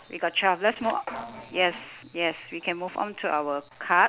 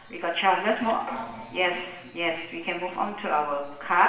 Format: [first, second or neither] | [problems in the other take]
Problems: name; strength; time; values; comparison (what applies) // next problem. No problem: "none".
first | room echo; dies away in 1 s